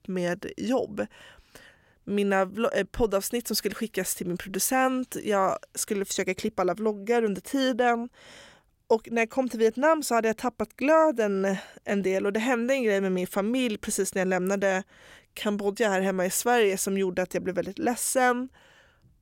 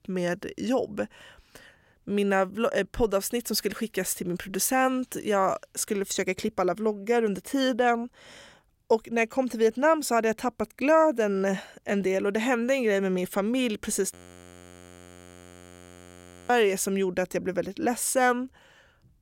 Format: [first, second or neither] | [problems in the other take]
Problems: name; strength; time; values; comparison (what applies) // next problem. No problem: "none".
first | audio freezing; at 14 s for 2.5 s